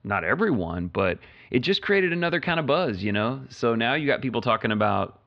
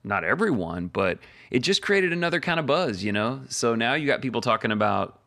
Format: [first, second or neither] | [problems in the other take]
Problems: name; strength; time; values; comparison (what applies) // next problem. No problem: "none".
second | muffled; very slightly; fading above 3.5 kHz